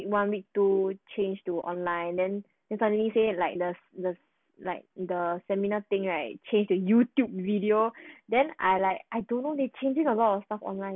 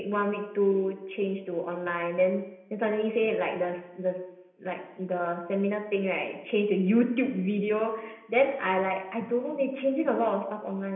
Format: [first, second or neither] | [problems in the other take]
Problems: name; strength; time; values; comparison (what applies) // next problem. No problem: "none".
first | room echo; dies away in 0.8 s